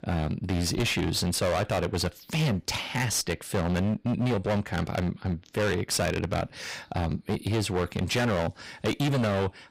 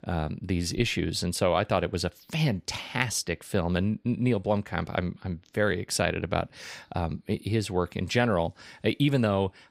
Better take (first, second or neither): second